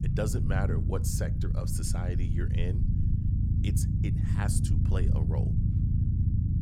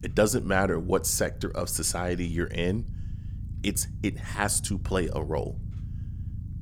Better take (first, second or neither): second